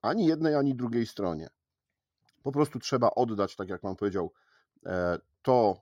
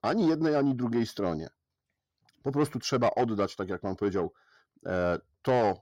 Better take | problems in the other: first | distortion; slight; 10 dB below the speech

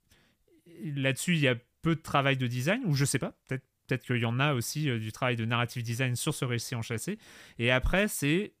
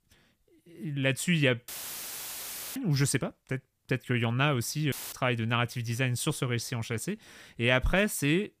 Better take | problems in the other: first | audio cutting out; filled with static; at 1.5 s for 1 s and at 5 s

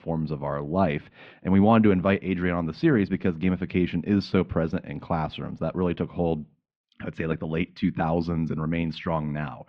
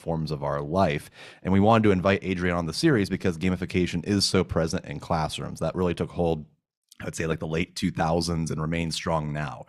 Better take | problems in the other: second | muffled; slightly; fading above 3.5 kHz

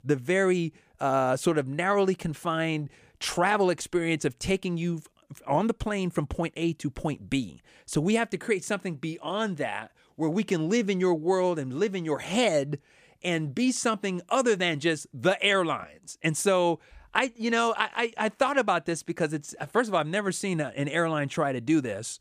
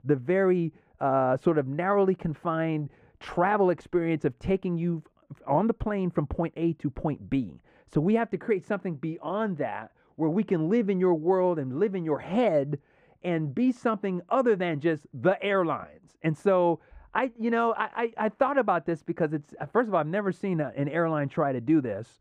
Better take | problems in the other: first | muffled; very; fading above 3 kHz

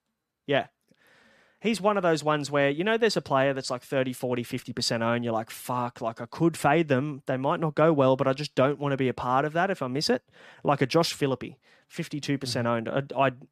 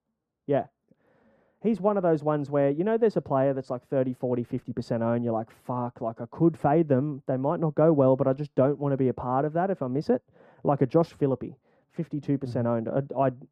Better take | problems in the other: first | muffled; very; fading above 1.5 kHz

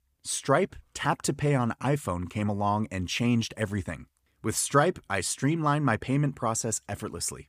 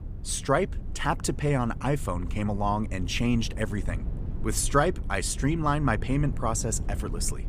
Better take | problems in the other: first | low rumble; noticeable; throughout; 20 dB below the speech

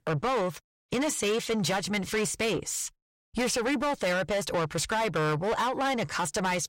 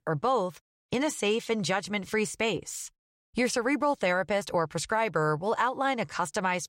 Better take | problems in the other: second | distortion; heavy; 7 dB below the speech

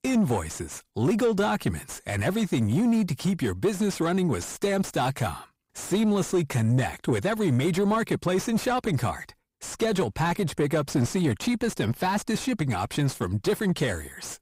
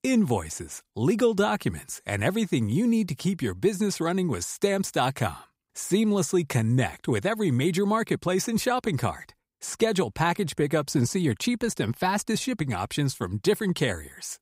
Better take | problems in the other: second | distortion; slight; 10 dB below the speech

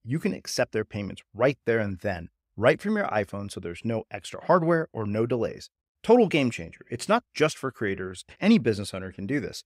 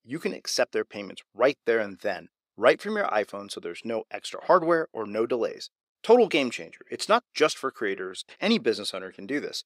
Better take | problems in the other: first | thin; very slightly; fading below 350 Hz

